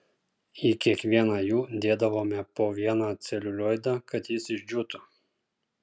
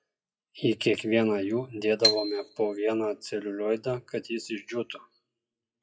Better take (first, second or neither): first